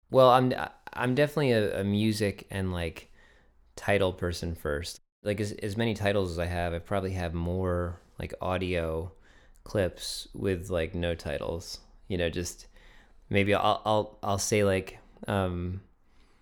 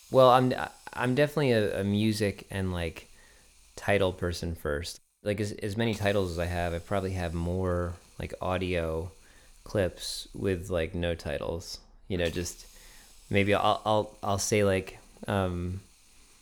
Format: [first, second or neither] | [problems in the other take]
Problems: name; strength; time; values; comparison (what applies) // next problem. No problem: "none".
first | hiss; faint; throughout; 25 dB below the speech